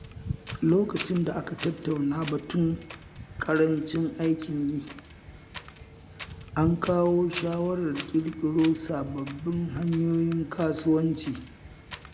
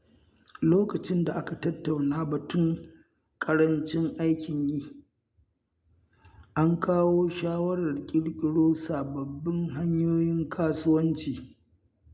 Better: second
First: background sound (Wind); 14 dB below the speech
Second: none

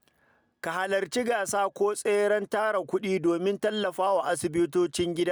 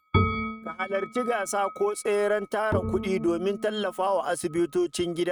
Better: first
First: none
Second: noise reduction (neural mask model RNNoise)

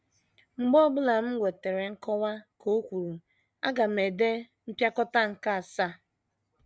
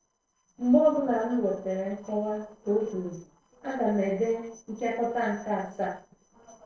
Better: first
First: none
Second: noise reduction (neural separator model SepFormer DNS4)

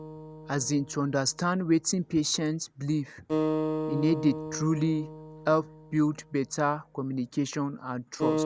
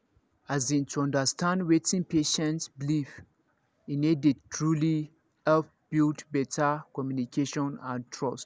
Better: second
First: background sound (Acoustic guitar); 7 dB below the speech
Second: none

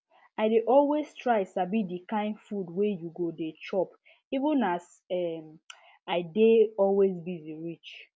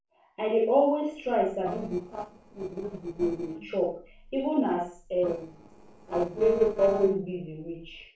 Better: first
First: none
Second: noise reduction (neural separator model SepFormer DNS4)

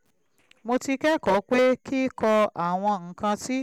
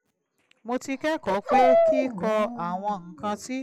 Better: first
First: none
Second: noise reduction (classical method log-MMSE)

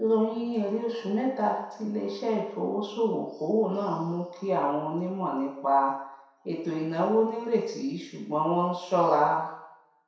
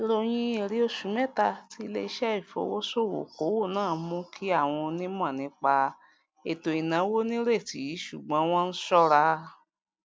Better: second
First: room echo; dies away in 0.7 s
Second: none

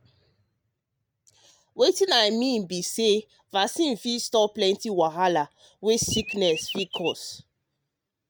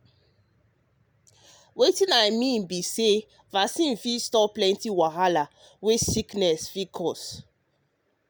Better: second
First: noise reduction (neural mask model RNNoise)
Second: none

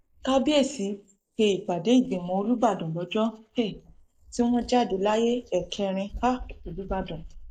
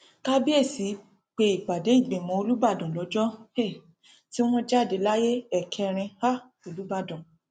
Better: second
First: noise reduction (neural mask model Resemble Enhance denoiser)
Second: none

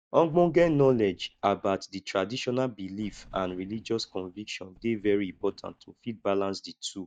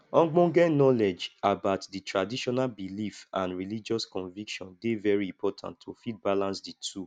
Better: second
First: noise reduction (neural mask model DeepFilterNet 3)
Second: none

